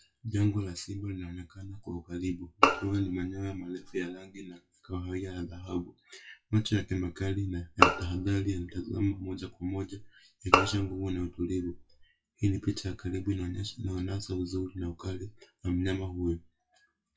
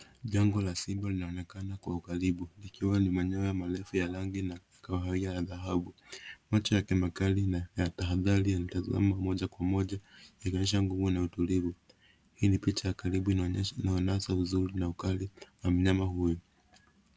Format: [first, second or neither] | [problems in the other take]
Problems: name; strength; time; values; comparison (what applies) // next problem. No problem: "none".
second | noise reduction (classical method WPE with log-MMSE)